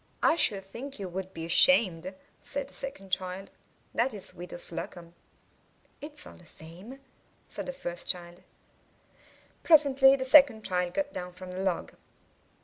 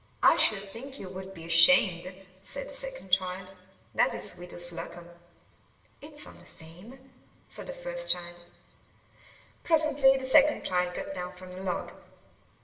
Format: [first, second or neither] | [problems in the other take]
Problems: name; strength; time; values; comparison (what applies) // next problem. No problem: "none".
first | room echo; dies away in 1.1 s